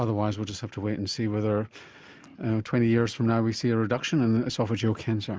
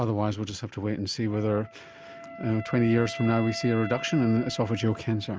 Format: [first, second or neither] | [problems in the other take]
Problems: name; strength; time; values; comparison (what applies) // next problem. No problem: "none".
first | background sound (Wind instrument, woodwind instrument); 15 dB below the speech